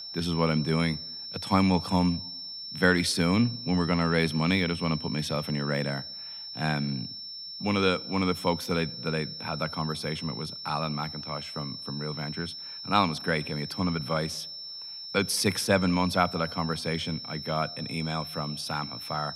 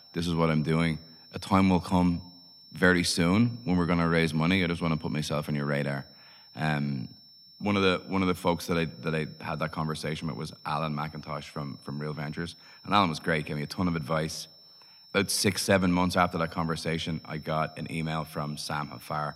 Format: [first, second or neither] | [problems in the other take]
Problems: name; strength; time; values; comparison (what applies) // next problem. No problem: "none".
second | high-pitched whine; loud; throughout; 5.5 kHz, 8 dB below the speech; faint in the second